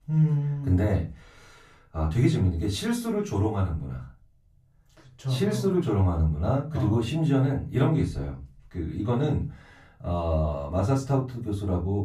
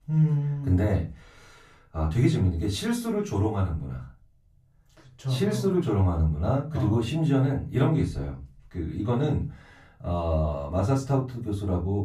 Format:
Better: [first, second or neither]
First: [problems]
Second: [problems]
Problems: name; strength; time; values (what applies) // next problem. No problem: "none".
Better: neither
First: off-mic speech; far // room echo; very slight; dies away in 0.3 s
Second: off-mic speech; far // room echo; very slight; dies away in 0.3 s